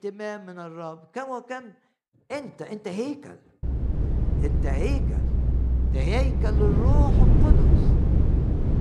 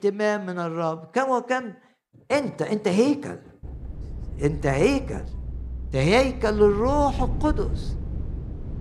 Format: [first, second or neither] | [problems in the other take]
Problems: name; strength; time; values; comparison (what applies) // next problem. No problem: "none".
second | low rumble; loud; from 3.5 s on; 1 dB below the speech; faint in the second